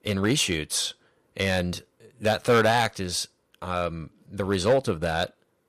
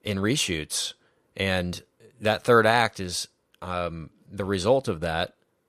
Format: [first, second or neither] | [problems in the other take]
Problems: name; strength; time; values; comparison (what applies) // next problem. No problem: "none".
second | distortion; slight; 2% of the sound clipped